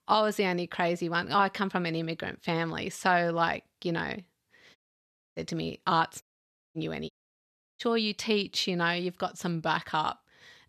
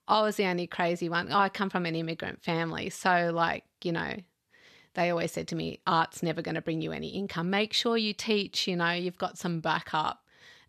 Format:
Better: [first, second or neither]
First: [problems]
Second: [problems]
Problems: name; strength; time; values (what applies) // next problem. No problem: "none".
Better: second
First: audio cutting out; at 5 s for 0.5 s, at 6 s for 0.5 s and at 7 s for 0.5 s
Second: none